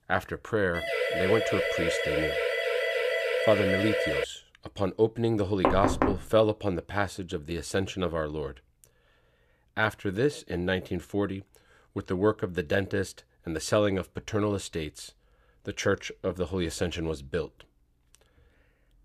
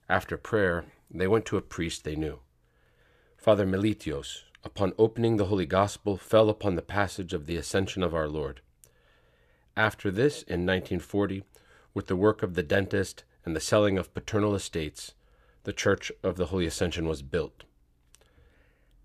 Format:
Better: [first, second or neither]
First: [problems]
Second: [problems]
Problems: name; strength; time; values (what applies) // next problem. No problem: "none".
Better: second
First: siren; loud; from 0.5 to 4.5 s; peak 3 dB above the speech // door banging; loud; at 5.5 s; peak 3 dB above the speech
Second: none